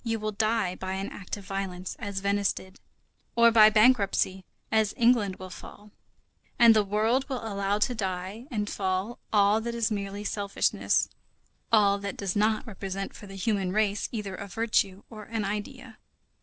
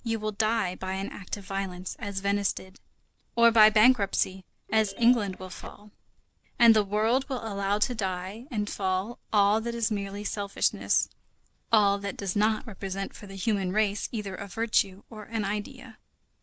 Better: first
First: none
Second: background sound (Thump, thud + Ringtone); 18 dB below the speech

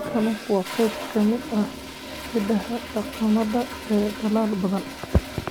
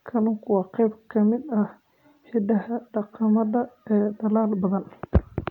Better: second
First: background sound (Toilet flush); 10 dB below the speech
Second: none

